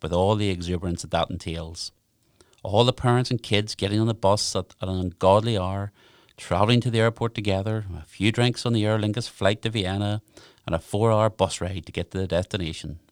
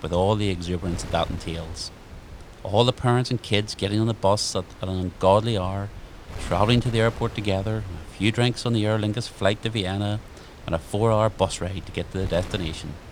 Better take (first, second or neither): first